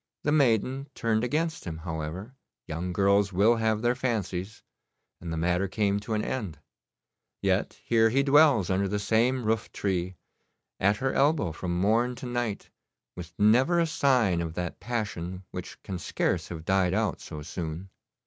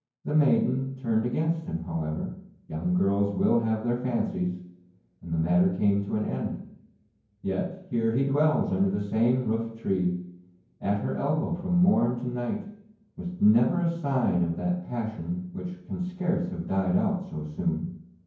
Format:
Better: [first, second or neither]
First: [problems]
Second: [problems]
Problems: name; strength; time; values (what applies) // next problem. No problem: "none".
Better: first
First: none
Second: room echo; dies away in 0.9 s